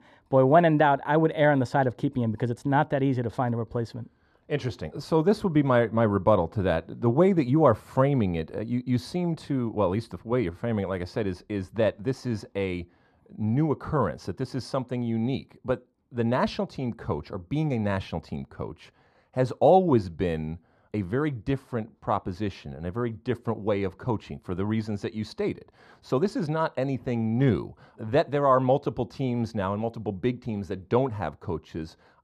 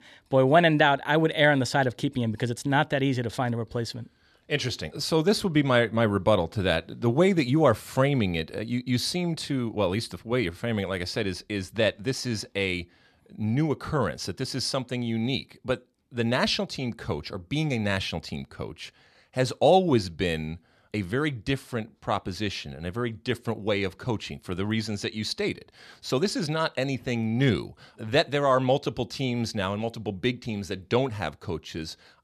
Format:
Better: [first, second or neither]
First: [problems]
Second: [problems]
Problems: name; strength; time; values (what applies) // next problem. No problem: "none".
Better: second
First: muffled; slightly; fading above 2 kHz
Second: none